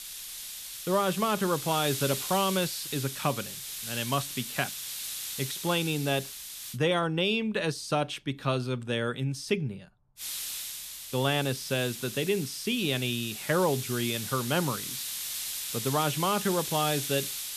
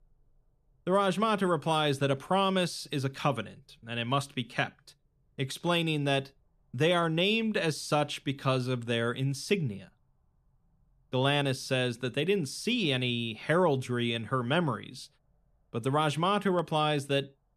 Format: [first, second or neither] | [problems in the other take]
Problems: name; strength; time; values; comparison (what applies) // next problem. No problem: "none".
second | hiss; loud; until 6.5 s and from 10 s on; 5 dB below the speech